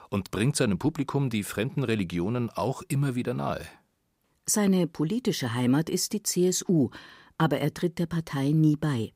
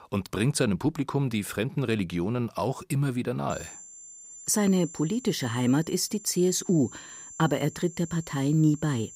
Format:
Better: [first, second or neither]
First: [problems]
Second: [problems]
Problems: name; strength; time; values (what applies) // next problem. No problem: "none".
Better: first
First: none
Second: high-pitched whine; noticeable; from 3.5 s on; 7 kHz, 15 dB below the speech